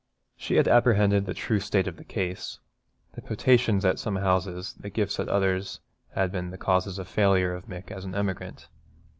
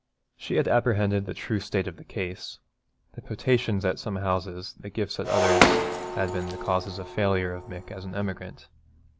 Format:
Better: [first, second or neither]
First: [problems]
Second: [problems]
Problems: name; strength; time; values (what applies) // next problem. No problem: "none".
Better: first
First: none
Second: background sound (Shatter); 1 dB above the speech